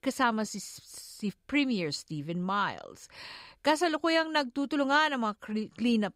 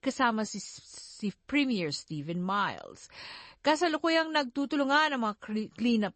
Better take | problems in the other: first | garbled, watery; slightly; nothing above 8 kHz

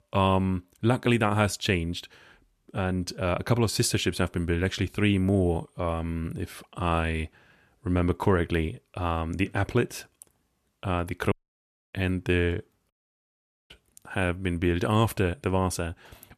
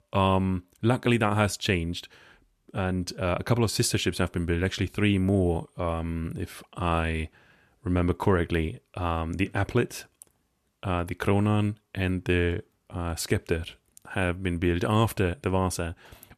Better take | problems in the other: second | audio cutting out; at 11 s for 0.5 s and at 13 s for 1 s

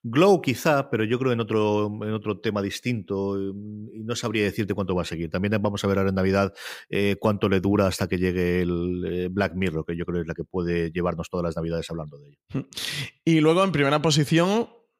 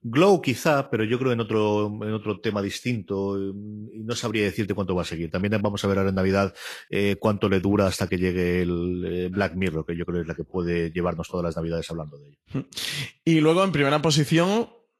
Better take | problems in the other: first | garbled, watery; slightly; nothing above 13 kHz

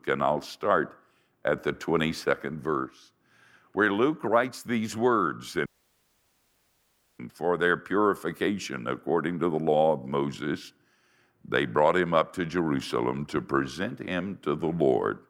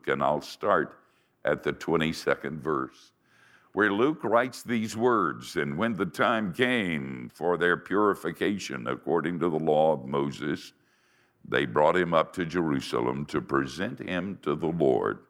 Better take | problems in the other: second | audio cutting out; at 5.5 s for 1.5 s

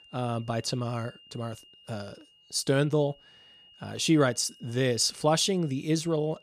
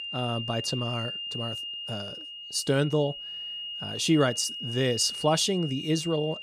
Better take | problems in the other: first | high-pitched whine; loud; throughout; 3 kHz, 7 dB below the speech; faint in the first

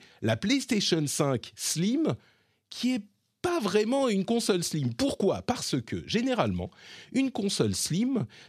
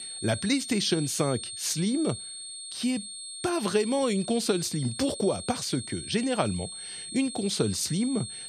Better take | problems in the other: first | high-pitched whine; loud; throughout; 8.5 kHz, 8 dB below the speech

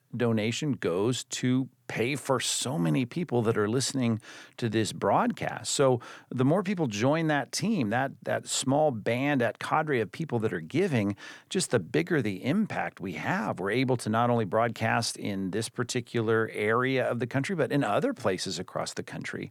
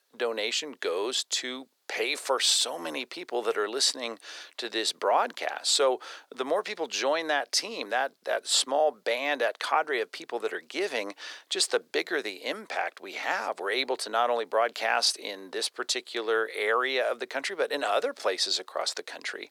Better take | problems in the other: first | thin; very; fading below 400 Hz

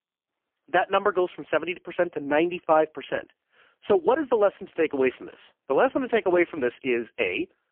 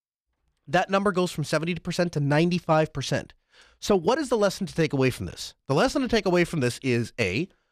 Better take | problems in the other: second | phone-call audio; poor line; nothing above 3 kHz

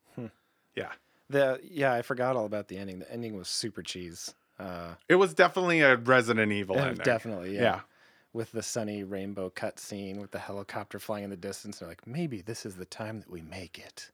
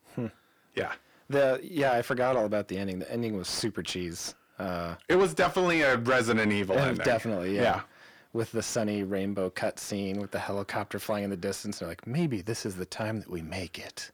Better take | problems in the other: first | distortion; heavy; 6 dB below the speech

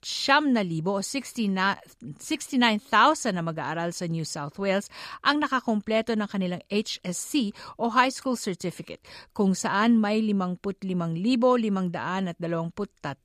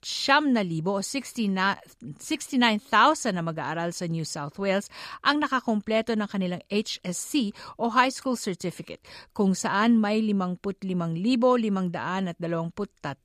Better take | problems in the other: neither | none

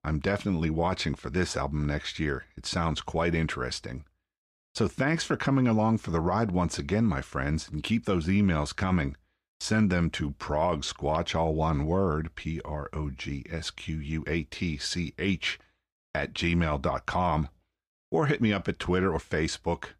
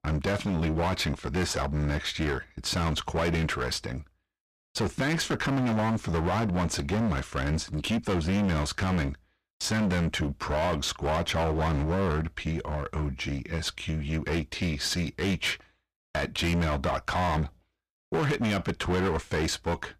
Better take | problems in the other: first | distortion; heavy; 21% of the sound clipped

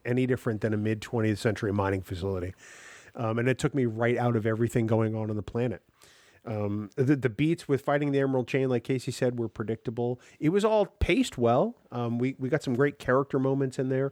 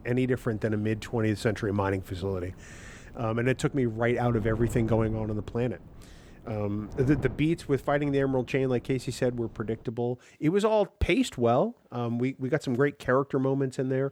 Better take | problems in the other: first | wind noise on the microphone; occasional gusts; until 10 s; 20 dB below the speech

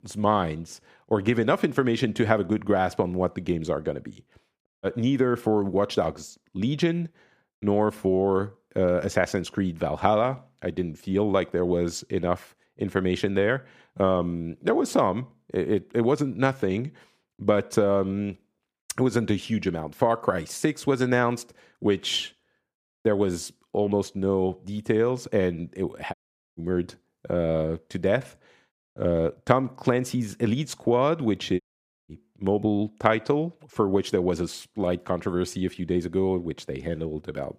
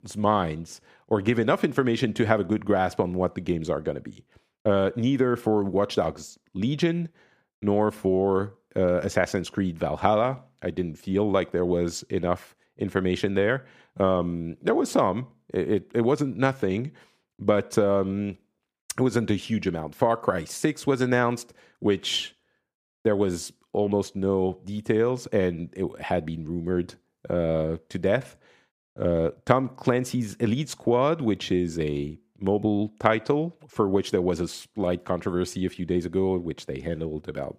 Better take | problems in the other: second | audio cutting out; at 4.5 s, at 26 s and at 32 s

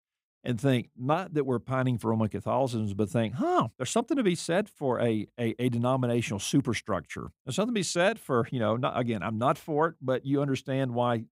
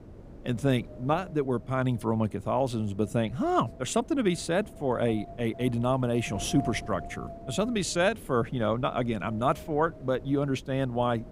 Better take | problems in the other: first | wind noise on the microphone; occasional gusts; 15 dB below the speech

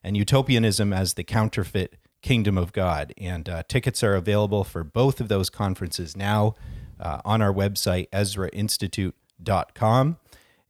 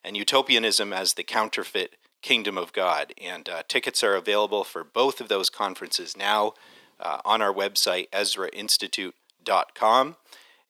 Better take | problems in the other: first | thin; very; fading below 300 Hz

